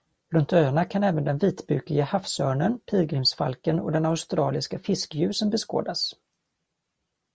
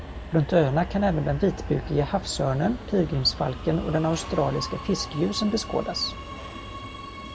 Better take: first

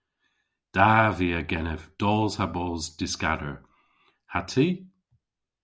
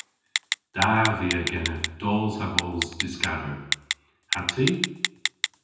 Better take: first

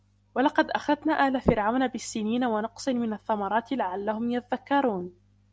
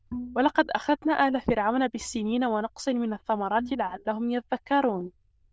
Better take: first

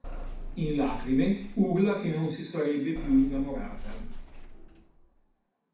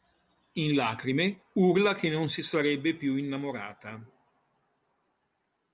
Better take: second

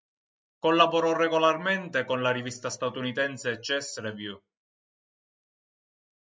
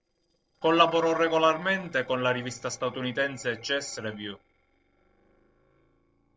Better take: first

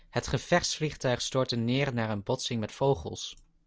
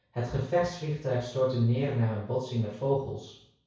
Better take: first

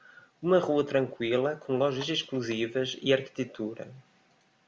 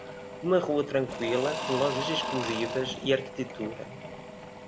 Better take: first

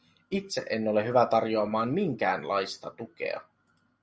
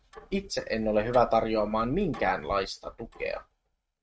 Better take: first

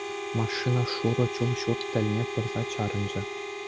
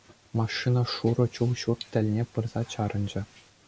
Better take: second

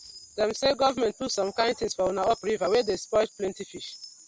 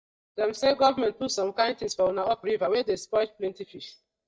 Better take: first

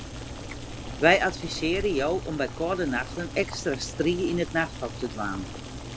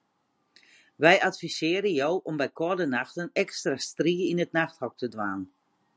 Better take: second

